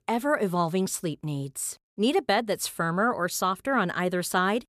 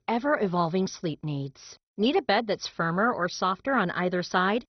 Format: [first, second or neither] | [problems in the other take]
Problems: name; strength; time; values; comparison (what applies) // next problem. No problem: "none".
first | garbled, watery; badly; nothing above 6 kHz